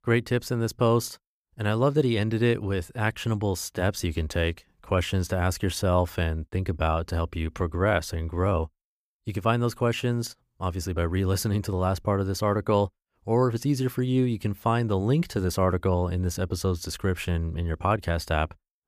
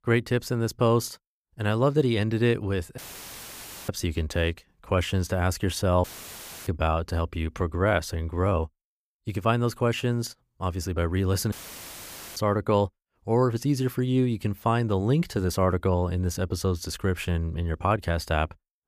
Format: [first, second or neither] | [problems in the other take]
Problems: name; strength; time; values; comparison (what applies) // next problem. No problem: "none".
first | audio cutting out; filled with static; at 3 s for 1 s, at 6 s for 0.5 s and at 12 s for 1 s